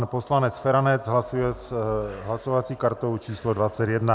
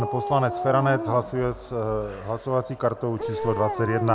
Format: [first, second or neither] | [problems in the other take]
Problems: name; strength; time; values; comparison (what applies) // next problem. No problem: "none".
first | background sound (Dog); 8 dB below the speech